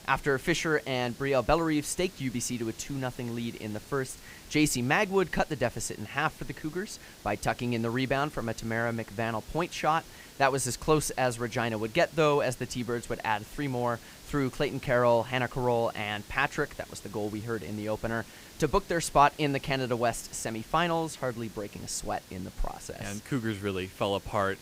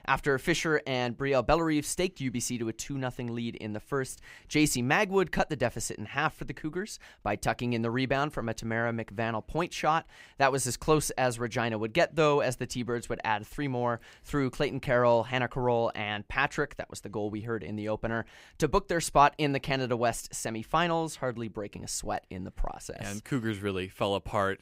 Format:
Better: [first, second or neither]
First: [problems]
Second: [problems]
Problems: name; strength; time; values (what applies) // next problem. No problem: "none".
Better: second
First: hiss; noticeable; throughout; 20 dB below the speech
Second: none